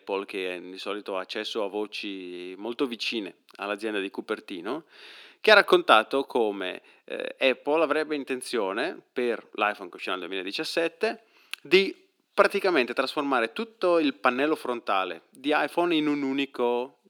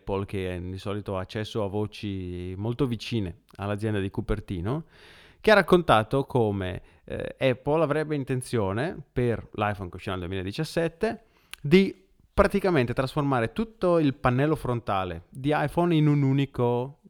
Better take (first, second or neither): second